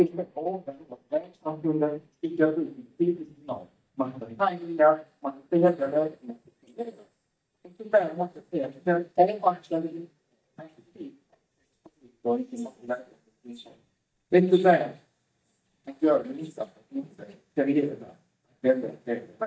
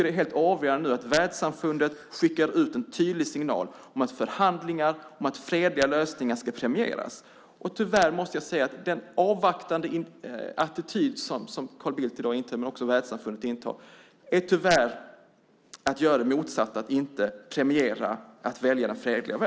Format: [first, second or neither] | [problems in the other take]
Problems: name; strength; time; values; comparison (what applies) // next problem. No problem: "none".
second | noise reduction (neural mask model DeepFilterNet 3)